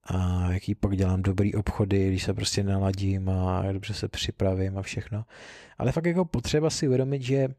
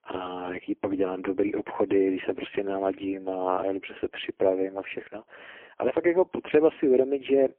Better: first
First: none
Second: phone-call audio; poor line; nothing above 3 kHz

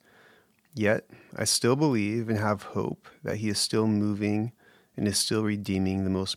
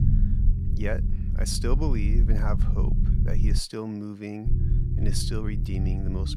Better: first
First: none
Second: low rumble; loud; until 3.5 s and from 4.5 s on; 6 dB below the speech

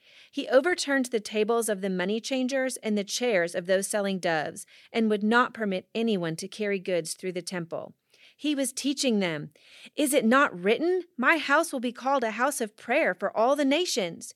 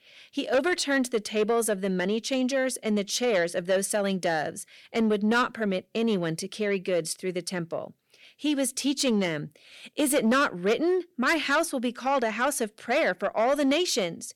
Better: first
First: none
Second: distortion; slight; 10 dB below the speech

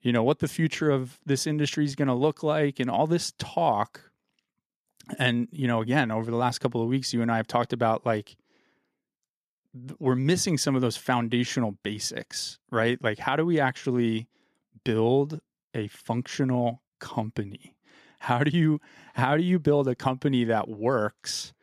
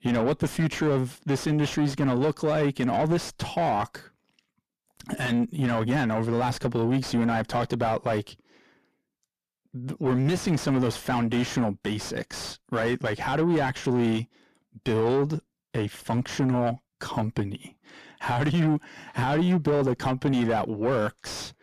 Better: first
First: none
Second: distortion; heavy; 7 dB below the speech

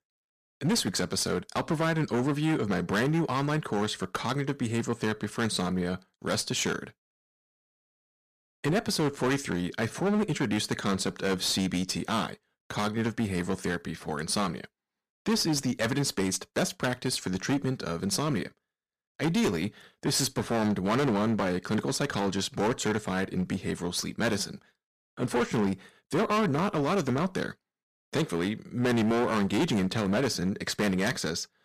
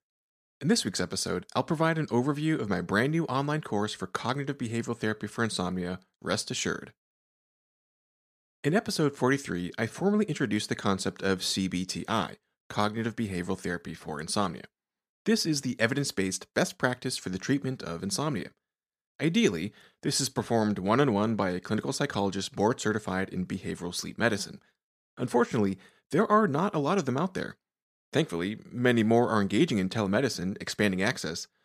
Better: second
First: distortion; heavy; 13% of the sound clipped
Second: none

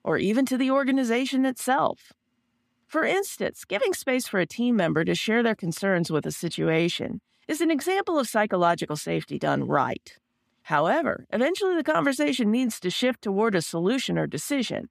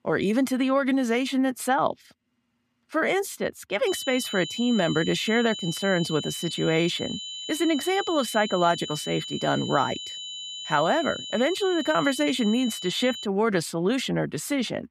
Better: first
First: none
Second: high-pitched whine; loud; from 4 to 13 s; 3 kHz, 8 dB below the speech

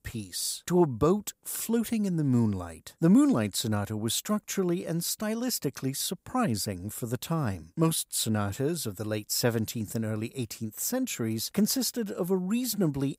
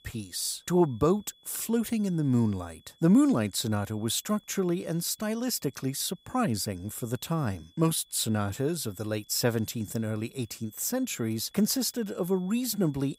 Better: first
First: none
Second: high-pitched whine; faint; throughout; 3.5 kHz, 30 dB below the speech

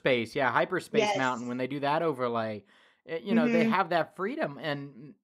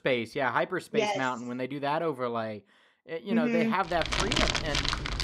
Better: first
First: none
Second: household noises; very loud; from 4 s on; 1 dB above the speech

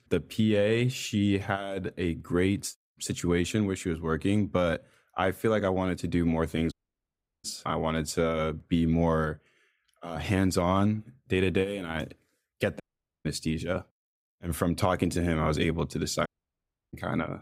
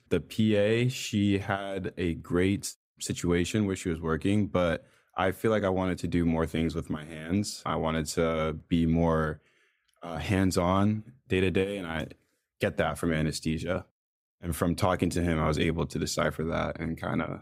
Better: second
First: audio cutting out; at 6.5 s for 0.5 s, at 13 s and at 16 s for 0.5 s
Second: none

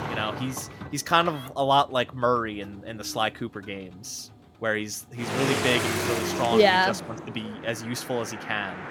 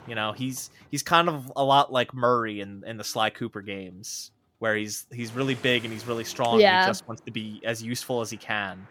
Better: second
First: traffic noise; loud; throughout; 5 dB below the speech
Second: traffic noise; faint; throughout; 25 dB below the speech

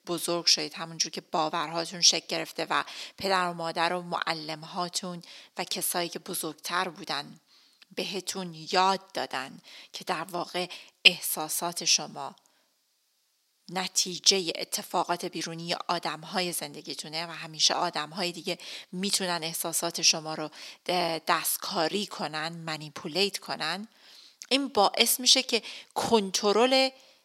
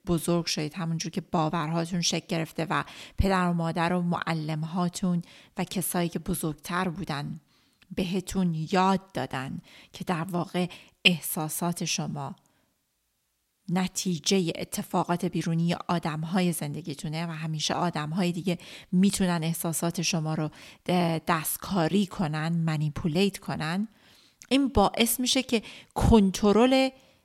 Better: second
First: thin; somewhat; fading below 400 Hz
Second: none

